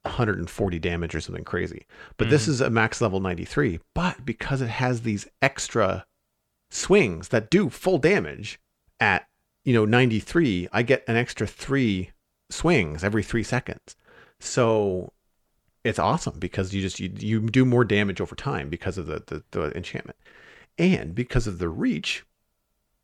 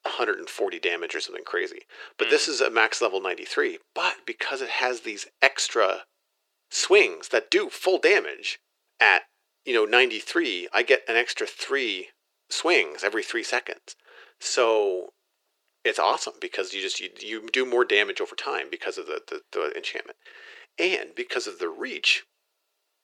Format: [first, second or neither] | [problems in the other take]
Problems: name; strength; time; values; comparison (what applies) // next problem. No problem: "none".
first | thin; very; fading below 350 Hz